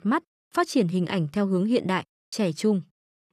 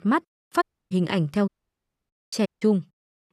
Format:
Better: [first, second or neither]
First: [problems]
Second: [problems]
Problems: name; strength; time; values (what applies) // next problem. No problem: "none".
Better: first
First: none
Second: audio cutting out; at 0.5 s, at 1.5 s for 0.5 s and at 2.5 s